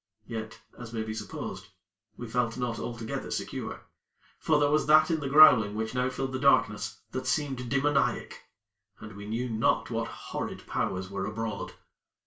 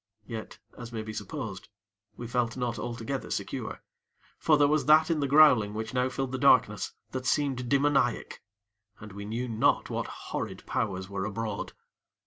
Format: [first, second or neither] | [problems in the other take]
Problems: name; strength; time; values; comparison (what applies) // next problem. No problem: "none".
second | room echo; dies away in 0.3 s